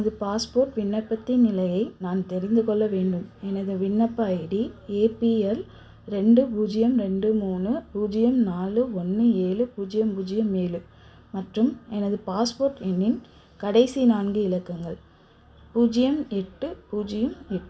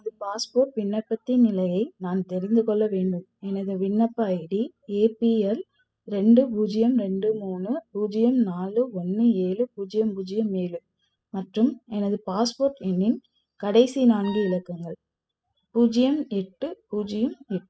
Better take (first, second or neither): first